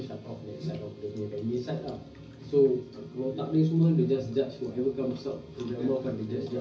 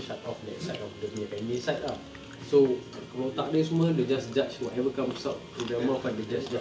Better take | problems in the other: second | room echo; dies away in 0.4 s

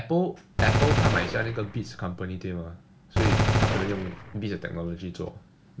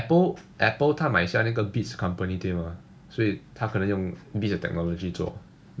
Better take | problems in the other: second | background sound (Gunshot, gunfire); 5 dB above the speech

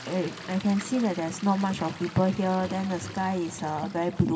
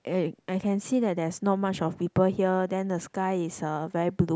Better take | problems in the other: second | background sound (Toilet flush); 12 dB below the speech // room echo; dies away in 2.4 s

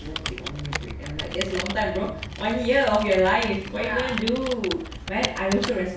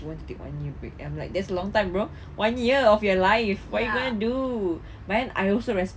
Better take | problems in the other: second | background sound (Computer keyboard); 9 dB below the speech // room echo; dies away in 0.5 s

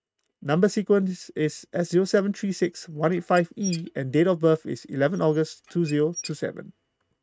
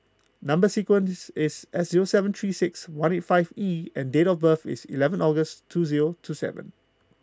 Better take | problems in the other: second | noise reduction (neural mask model RNNoise)

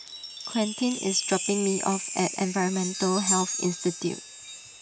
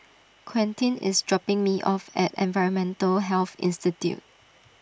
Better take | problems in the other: second | background sound (Chime); 4 dB below the speech

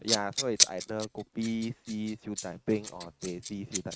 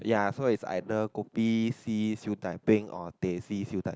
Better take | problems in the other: second | noise reduction (neural mask model RNNoise)

